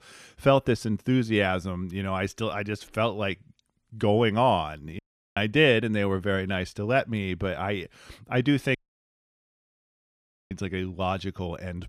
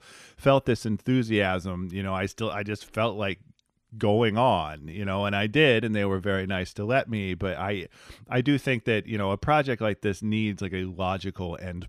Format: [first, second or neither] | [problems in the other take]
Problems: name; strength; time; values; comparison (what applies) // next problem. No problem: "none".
second | audio cutting out; at 5 s and at 9 s for 2 s